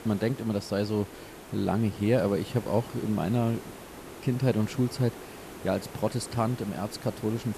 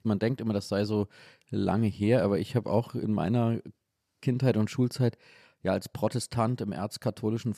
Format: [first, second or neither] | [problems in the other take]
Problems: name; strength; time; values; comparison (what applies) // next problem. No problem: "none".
second | hiss; noticeable; throughout; 15 dB below the speech